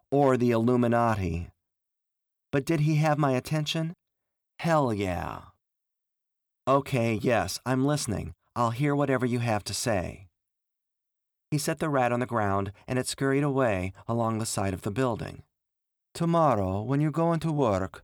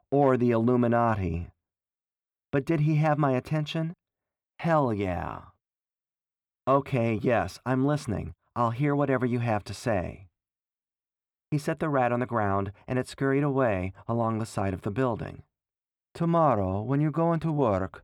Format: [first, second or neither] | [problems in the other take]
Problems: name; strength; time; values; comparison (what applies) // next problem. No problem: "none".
first | muffled; slightly; fading above 3.5 kHz